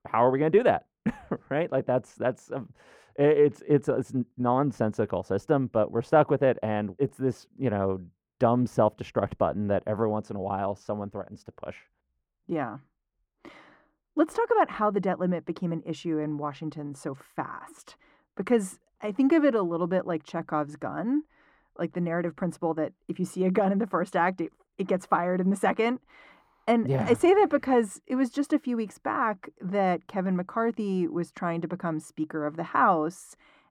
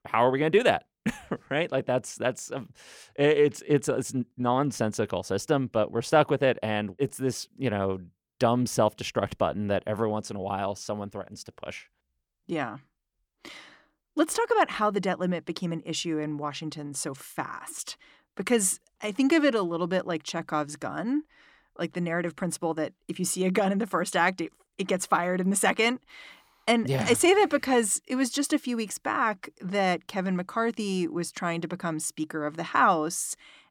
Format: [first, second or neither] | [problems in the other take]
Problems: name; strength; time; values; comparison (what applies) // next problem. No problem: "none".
second | muffled; very; fading above 2 kHz